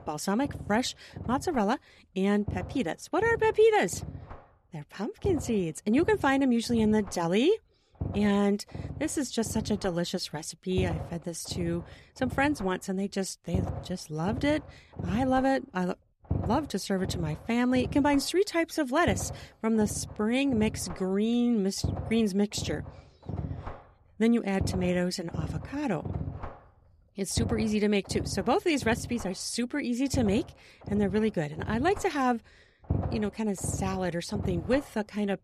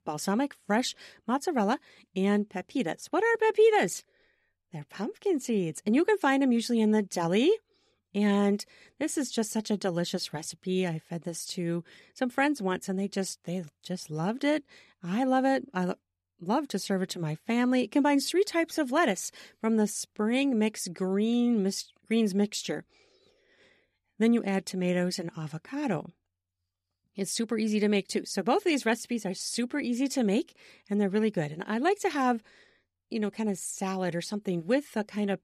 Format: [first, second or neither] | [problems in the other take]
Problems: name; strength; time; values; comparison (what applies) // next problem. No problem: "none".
second | low rumble; noticeable; throughout; 15 dB below the speech